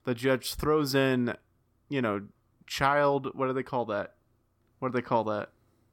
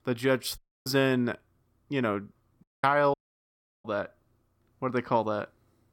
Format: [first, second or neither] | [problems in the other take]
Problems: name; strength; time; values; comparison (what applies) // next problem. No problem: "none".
first | audio cutting out; at 0.5 s, at 2.5 s and at 3 s for 0.5 s